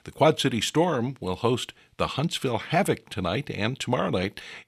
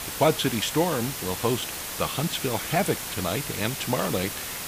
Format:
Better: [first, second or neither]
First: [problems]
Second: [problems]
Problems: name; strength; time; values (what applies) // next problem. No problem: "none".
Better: first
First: none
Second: hiss; loud; throughout; 4 dB below the speech